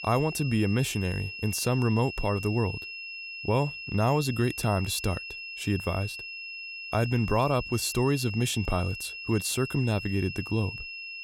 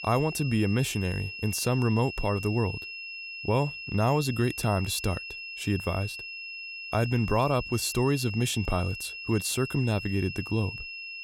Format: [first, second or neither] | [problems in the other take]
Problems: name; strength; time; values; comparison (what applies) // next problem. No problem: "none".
neither | high-pitched whine; loud; throughout; 2.5 kHz, 8 dB below the speech; the same in both